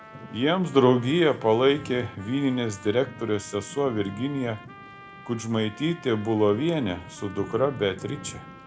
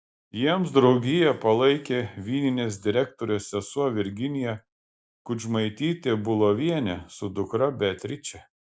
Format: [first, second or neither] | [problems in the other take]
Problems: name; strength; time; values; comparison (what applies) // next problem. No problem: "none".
second | background sound (Thunder / Rain + Trumpet); 17 dB below the speech